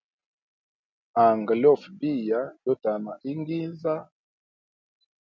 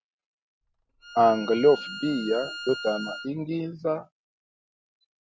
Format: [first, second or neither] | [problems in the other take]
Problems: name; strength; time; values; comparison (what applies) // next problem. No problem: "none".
first | background sound (Bowed string instrument); 12 dB below the speech